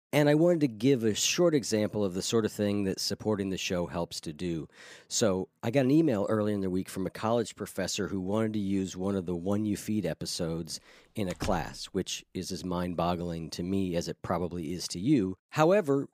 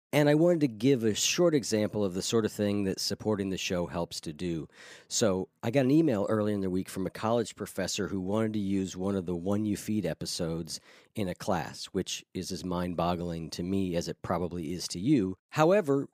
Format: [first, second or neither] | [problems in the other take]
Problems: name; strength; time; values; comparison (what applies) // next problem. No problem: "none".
second | door banging; noticeable; at 11 s; peak 10 dB below the speech